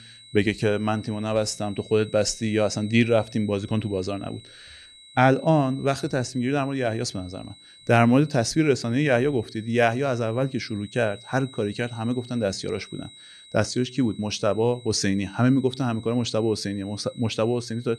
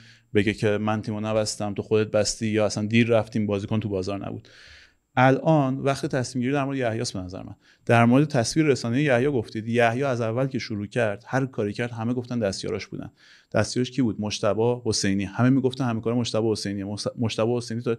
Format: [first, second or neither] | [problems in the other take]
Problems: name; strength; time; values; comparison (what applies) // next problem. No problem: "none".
second | high-pitched whine; faint; throughout; 4 kHz, 20 dB below the speech